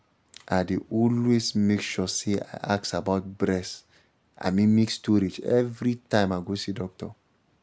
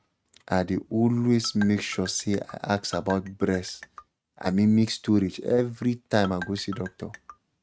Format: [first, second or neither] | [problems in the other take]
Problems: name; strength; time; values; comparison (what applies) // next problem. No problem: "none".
first | noise reduction (neural mask model RNNoise)